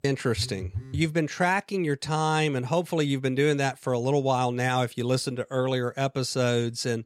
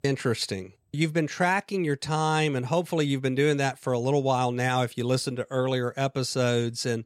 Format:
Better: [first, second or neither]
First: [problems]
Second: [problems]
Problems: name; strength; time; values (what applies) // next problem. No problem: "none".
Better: second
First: phone ringing; noticeable; at 0.5 s; peak 8 dB below the speech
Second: none